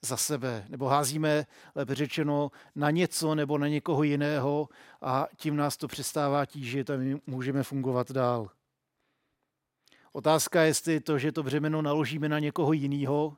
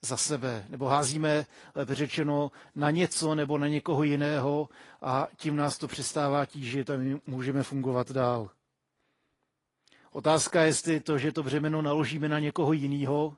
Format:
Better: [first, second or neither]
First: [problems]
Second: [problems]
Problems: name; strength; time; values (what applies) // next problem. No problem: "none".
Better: first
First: none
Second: garbled, watery; slightly